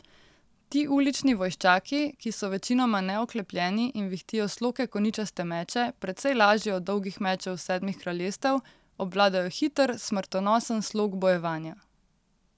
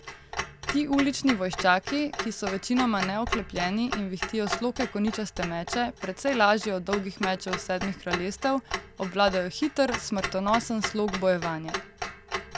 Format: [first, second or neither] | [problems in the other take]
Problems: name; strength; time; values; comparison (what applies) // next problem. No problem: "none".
first | background sound (Clock); 8 dB below the speech